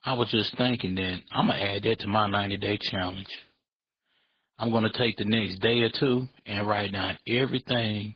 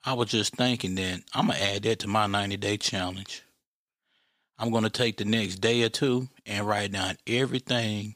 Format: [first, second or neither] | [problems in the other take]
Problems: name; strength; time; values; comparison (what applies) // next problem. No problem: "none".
second | garbled, watery; badly